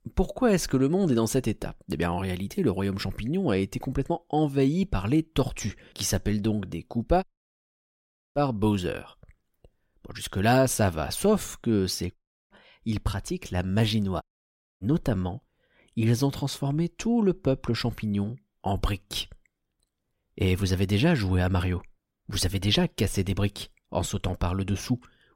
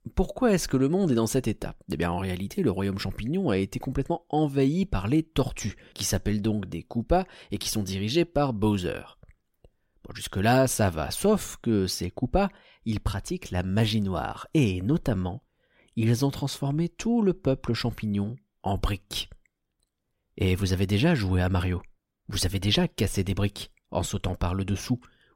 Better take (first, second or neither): second